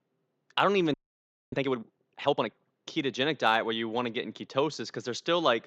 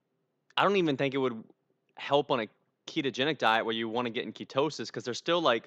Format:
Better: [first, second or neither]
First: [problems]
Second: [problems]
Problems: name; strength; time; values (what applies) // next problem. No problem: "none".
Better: second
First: audio freezing; at 1 s for 0.5 s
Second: none